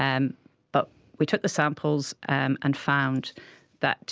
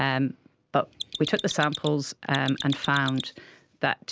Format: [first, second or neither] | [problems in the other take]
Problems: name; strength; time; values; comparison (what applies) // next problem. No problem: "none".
first | background sound (Mechanisms); 9 dB below the speech